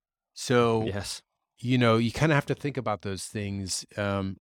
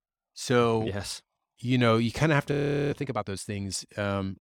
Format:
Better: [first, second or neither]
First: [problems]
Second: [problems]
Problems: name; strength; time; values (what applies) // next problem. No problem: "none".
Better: first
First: none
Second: audio freezing; at 2.5 s